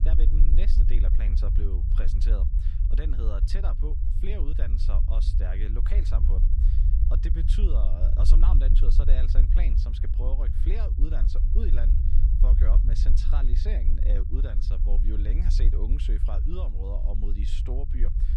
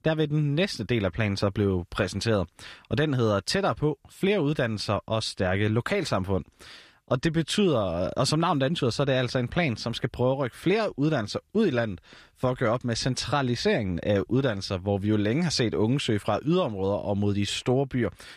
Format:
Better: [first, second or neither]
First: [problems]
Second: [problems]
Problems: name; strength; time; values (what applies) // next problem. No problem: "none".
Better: second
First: low rumble; loud; throughout; 4 dB below the speech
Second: none